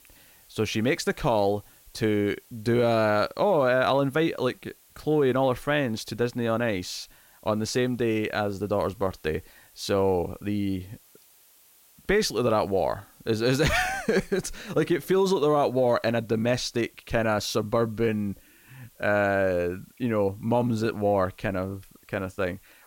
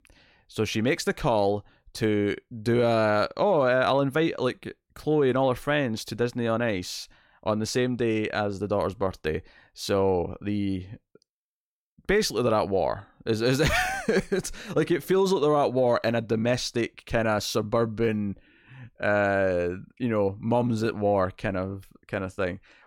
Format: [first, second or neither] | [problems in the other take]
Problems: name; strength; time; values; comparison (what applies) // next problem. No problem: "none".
second | hiss; faint; throughout; 30 dB below the speech